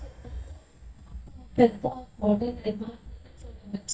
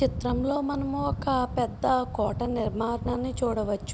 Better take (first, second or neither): second